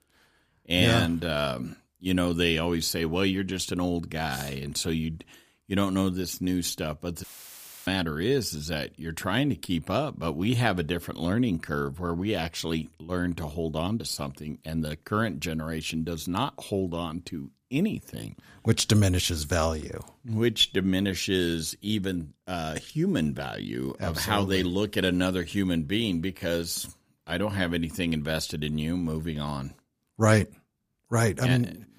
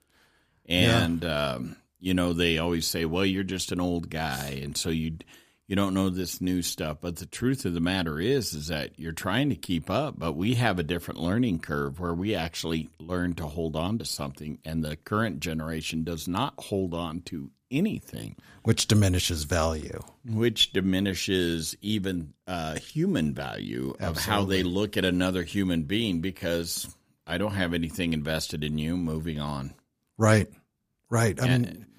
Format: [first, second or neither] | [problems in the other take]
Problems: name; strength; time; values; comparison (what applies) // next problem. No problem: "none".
second | audio cutting out; filled with static; at 7 s for 0.5 s